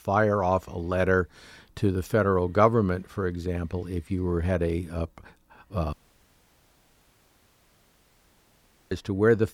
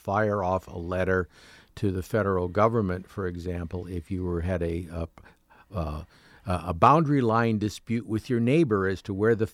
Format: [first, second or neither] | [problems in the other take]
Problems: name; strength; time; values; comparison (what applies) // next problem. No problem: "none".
second | audio cutting out; at 6 s for 3 s